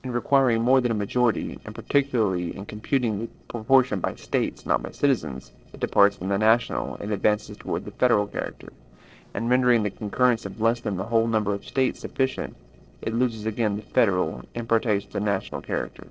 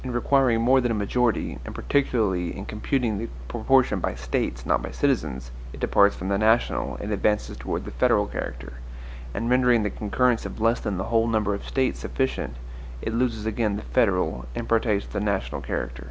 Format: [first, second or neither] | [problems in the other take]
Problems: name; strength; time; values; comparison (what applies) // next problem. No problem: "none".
second | noise reduction (neural separator model SepFormer DNS4)